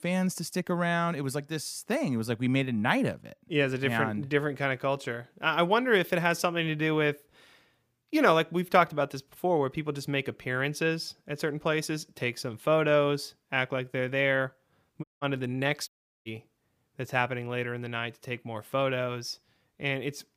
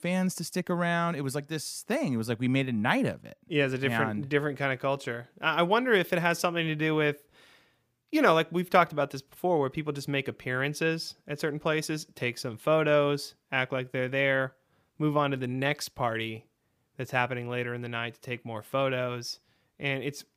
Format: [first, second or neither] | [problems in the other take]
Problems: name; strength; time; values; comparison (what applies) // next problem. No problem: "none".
second | audio cutting out; at 15 s and at 16 s